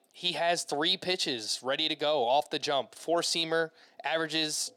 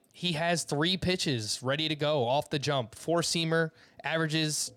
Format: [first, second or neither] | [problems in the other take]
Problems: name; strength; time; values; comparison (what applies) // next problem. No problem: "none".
second | thin; somewhat; fading below 350 Hz